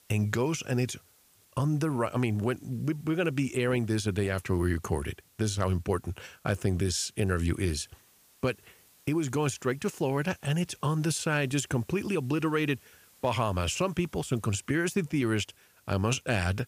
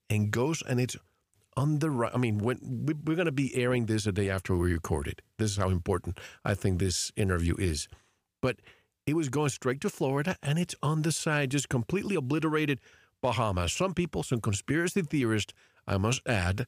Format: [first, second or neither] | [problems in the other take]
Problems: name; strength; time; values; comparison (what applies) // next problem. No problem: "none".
second | hiss; faint; throughout; 30 dB below the speech